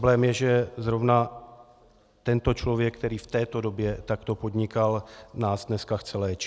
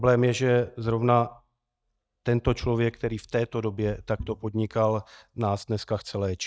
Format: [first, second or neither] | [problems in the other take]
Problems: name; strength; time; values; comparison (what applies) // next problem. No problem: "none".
first | noise reduction (neural mask model DeepFilterNet 3)